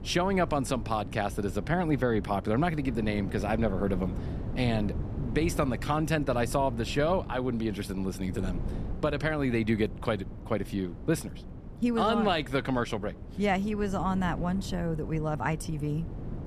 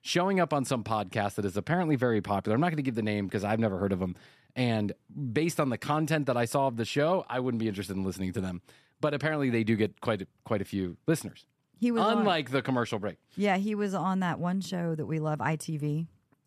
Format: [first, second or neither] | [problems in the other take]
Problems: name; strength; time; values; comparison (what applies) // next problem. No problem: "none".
second | wind noise on the microphone; occasional gusts; 15 dB below the speech